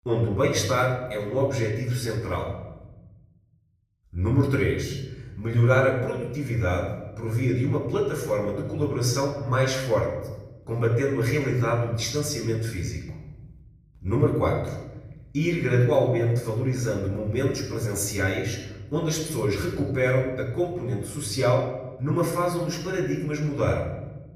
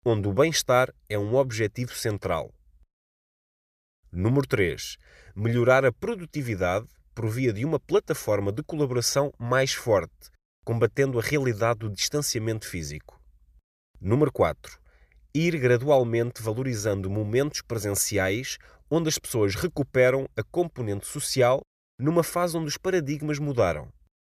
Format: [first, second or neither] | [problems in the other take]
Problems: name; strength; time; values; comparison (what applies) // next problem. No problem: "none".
second | off-mic speech; far // room echo; noticeable; dies away in 1.1 s